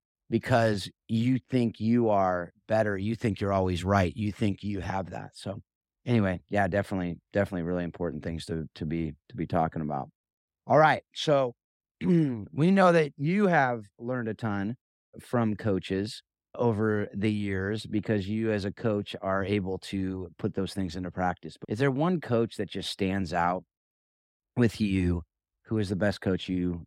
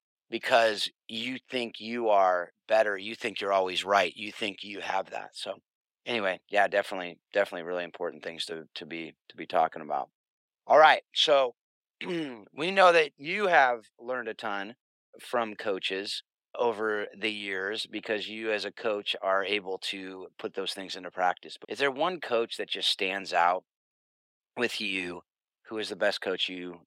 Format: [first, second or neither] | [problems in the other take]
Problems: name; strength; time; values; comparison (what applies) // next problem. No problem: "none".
first | thin; very; fading below 600 Hz